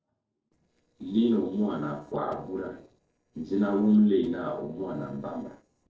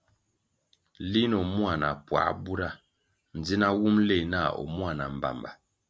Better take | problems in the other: second | noise reduction (neural separator model SepFormer DNS4)

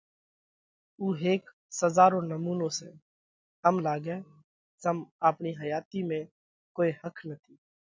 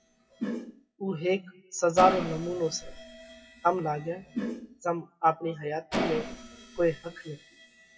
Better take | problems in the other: first | noise reduction (classical method WPE with log-MMSE)

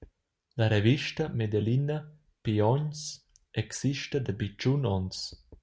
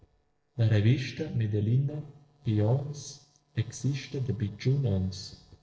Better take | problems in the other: first | noise reduction (neural separator model SepFormer DNS4)

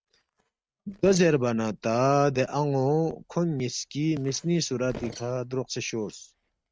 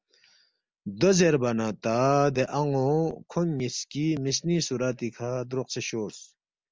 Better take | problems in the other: second | noise reduction (neural mask model RNNoise)

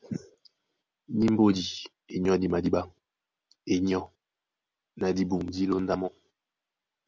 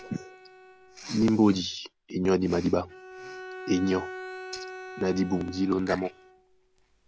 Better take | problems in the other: first | background sound (Bowed string instrument + Respiratory sounds); 14 dB below the speech

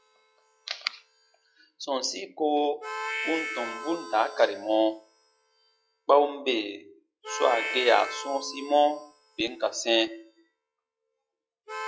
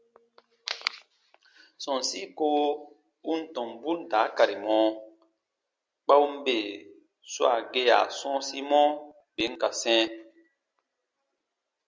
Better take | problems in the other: second | noise reduction (classical method log-MMSE)

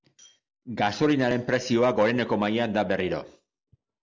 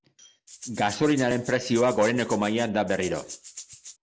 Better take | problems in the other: first | background sound (Rattle (instrument)); 17 dB below the speech

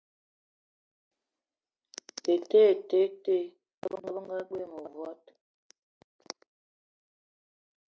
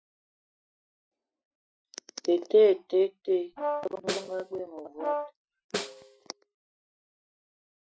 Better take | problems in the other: first | noise reduction (classical method Wiener filter)

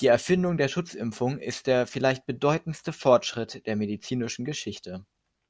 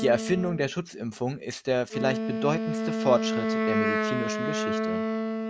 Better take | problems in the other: first | background sound (Wind instrument, woodwind instrument); 1 dB below the speech

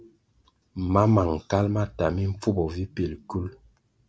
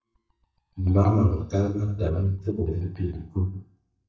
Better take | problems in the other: first | noise reduction (neural mask model DeepFilterNet 3)

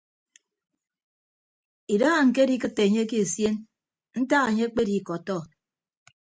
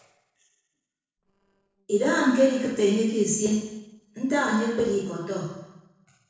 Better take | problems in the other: first | noise reduction (neural separator model SepFormer DNS4)

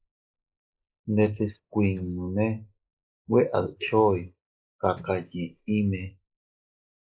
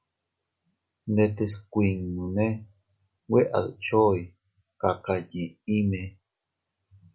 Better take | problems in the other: second | noise reduction (neural mask model Resemble Enhance denoiser)

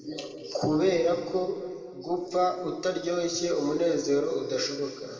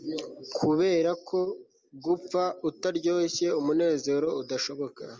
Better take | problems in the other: second | room echo; dies away in 2.2 s

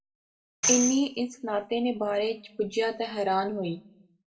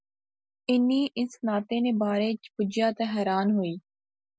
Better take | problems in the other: second | background sound (Tambourine); 3 dB below the speech // room echo; dies away in 0.4 s

